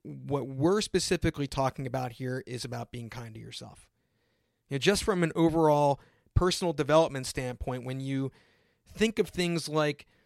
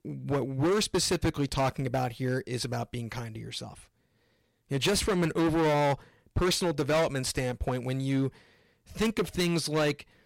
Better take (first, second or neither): first